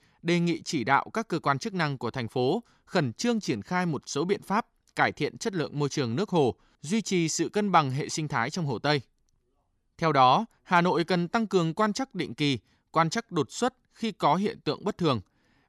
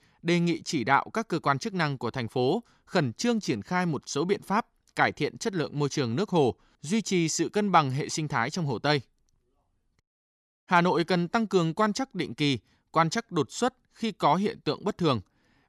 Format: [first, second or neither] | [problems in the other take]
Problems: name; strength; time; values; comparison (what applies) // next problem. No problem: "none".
first | audio cutting out; at 10 s for 0.5 s